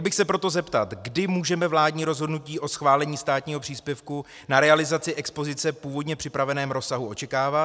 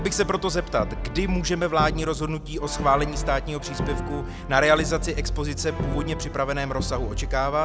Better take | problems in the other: first | background sound (Brass instrument); 4 dB below the speech

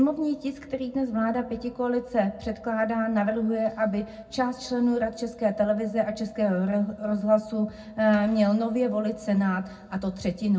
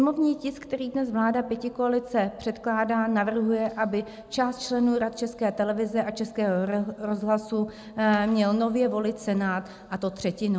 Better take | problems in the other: second | room echo; dies away in 0.4 s

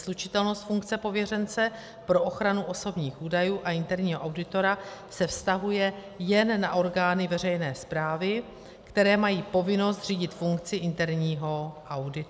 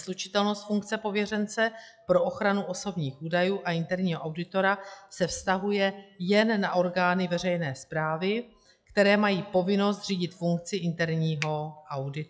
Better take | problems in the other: first | noise reduction (classical method log-MMSE)

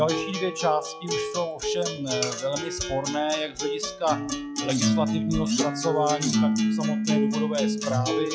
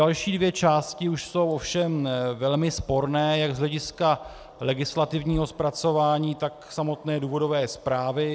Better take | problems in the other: second | noise reduction (classical method log-MMSE)

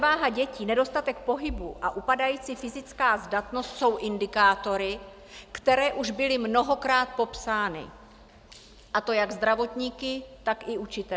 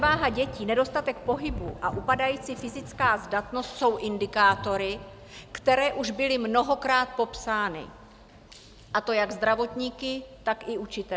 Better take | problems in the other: first | background sound (Thunder / Rain); 17 dB below the speech

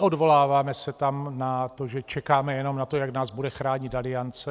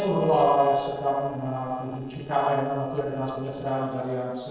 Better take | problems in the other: first | noise reduction (neural separator model SepFormer DNS4)

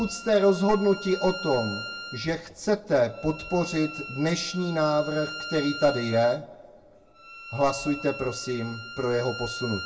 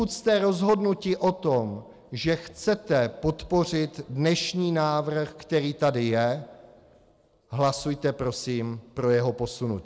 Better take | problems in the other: second | background sound (Bowed string instrument); 12 dB below the speech // room echo; dies away in 0.2 s

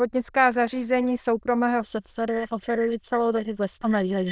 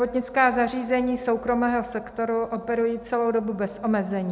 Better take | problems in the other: second | noise reduction (neural diffusion model UNIVERSE++)

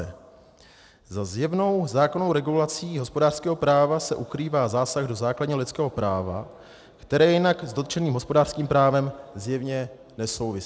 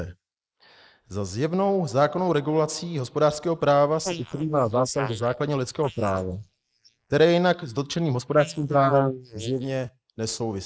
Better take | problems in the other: first | noise reduction (neural mask model Resemble Enhance denoiser)

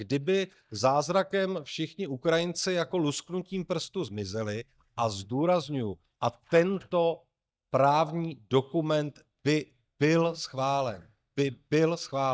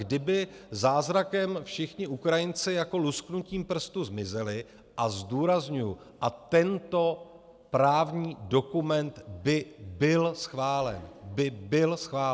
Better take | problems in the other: second | noise reduction (neural mask model DeepFilterNet 3)

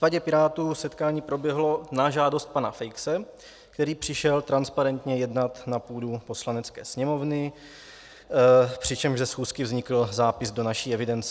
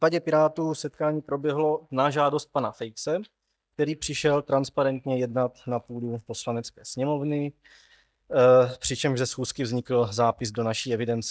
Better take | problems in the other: first | noise reduction (neural mask model DeepFilterNet 3)

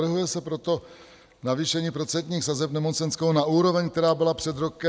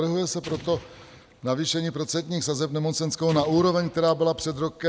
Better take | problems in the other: first | background sound (Explosion); 18 dB below the speech

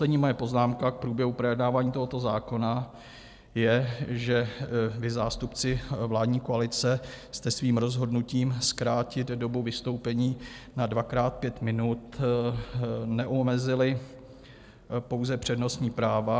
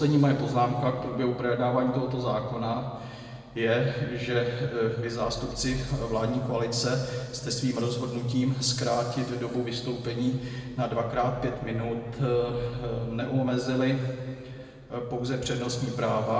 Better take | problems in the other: first | room echo; dies away in 2.1 s

